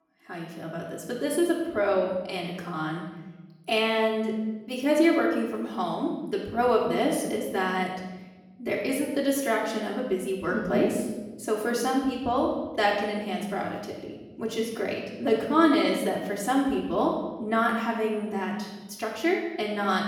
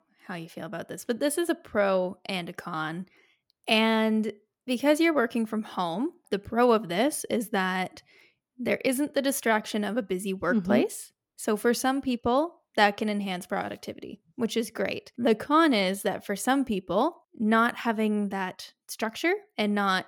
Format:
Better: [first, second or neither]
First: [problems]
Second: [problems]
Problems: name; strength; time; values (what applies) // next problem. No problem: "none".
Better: second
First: off-mic speech; far // room echo; noticeable; dies away in 1.1 s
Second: none